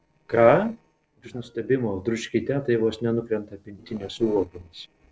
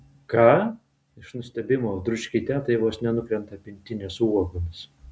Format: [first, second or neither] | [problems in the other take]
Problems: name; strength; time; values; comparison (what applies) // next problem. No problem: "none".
second | noise reduction (neural separator model SepFormer DNS4)